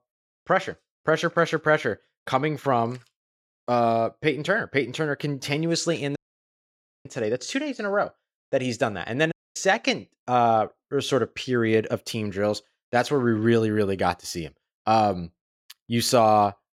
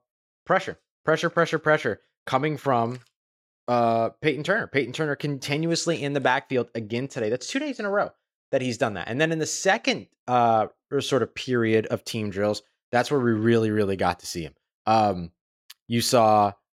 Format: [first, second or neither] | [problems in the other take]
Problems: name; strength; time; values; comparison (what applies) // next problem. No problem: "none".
second | audio cutting out; at 6 s for 1 s and at 9.5 s